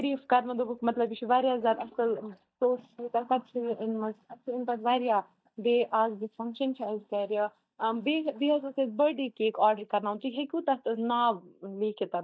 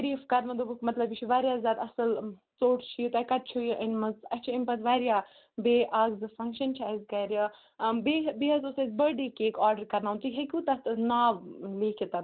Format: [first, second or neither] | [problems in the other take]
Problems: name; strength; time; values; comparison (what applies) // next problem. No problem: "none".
second | noise reduction (neural mask model DeepFilterNet 3)